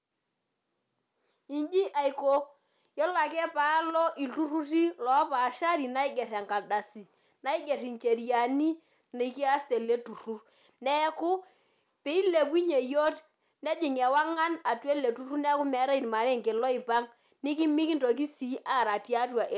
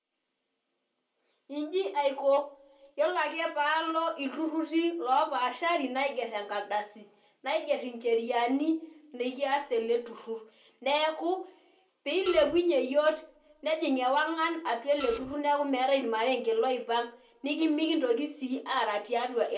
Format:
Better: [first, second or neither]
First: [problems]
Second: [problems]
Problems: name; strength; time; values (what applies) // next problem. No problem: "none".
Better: first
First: none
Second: background sound (Printer); 11 dB below the speech // room echo; dies away in 0.2 s